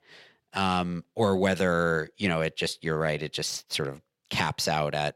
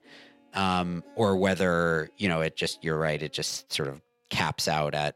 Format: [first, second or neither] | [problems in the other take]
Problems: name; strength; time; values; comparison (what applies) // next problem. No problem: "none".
first | background music; faint; throughout; 30 dB below the speech